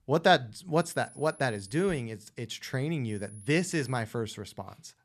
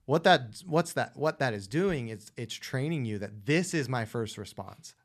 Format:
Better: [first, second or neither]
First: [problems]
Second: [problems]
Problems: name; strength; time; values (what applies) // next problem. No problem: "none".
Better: second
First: high-pitched whine; faint; from 1 to 2 s and at 3 s; 10.5 kHz, 20 dB below the speech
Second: none